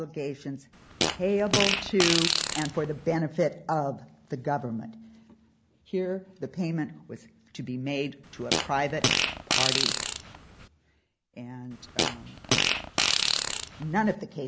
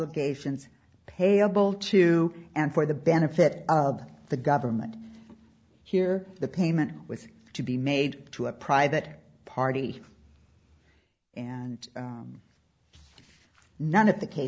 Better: second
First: background sound (Fart); 3 dB above the speech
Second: none

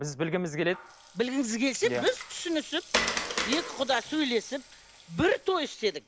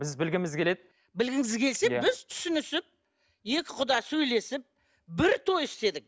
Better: second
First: background sound (Water); 8 dB below the speech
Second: none

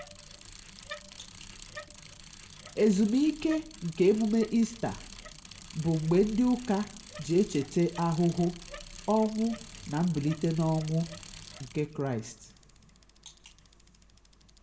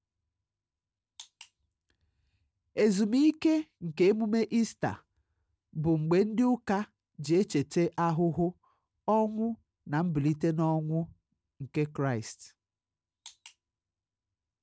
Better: second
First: background sound (Bicycle); 17 dB below the speech // room echo; dies away in 0.5 s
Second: none

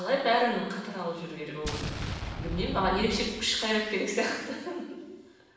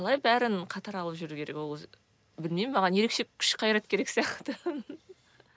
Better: second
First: background sound (Explosion); 7 dB below the speech // room echo; dies away in 1.1 s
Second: none

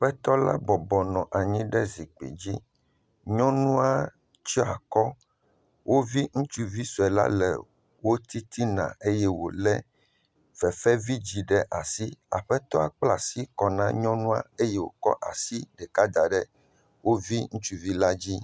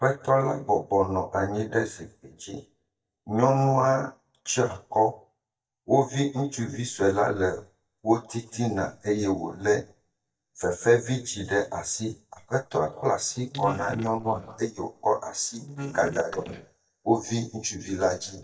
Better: first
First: none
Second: noise reduction (neural mask model DeepFilterNet 3)

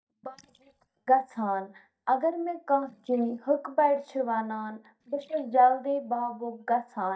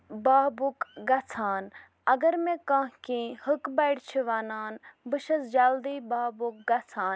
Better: second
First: noise reduction (neural mask model DeepFilterNet 3)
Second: none

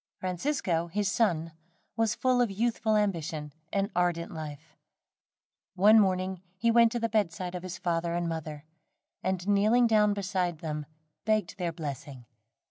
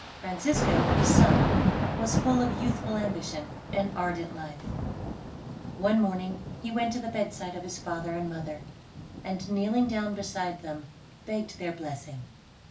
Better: first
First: none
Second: background sound (Thunder / Rain); 1 dB above the speech // room echo; dies away in 0.3 s

